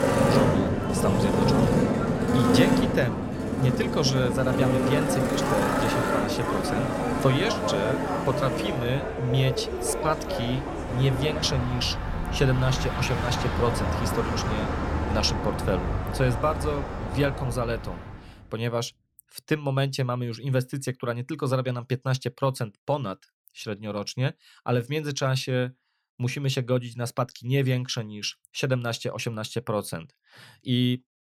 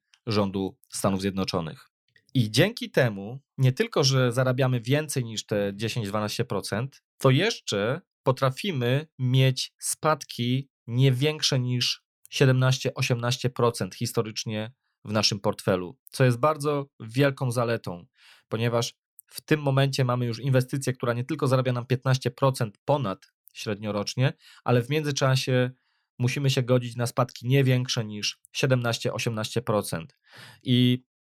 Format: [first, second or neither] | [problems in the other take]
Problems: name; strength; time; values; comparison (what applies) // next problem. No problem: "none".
second | traffic noise; very loud; until 18 s; 1 dB above the speech